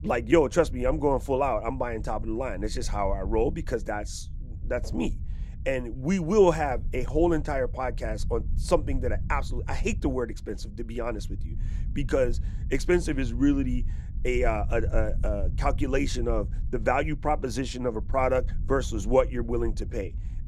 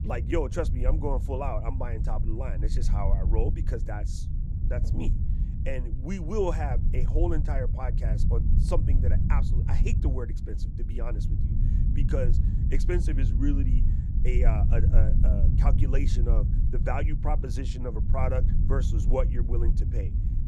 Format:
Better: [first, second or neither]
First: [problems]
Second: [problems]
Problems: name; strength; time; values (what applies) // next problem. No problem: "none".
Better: first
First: low rumble; faint; throughout; 25 dB below the speech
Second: low rumble; loud; throughout; 7 dB below the speech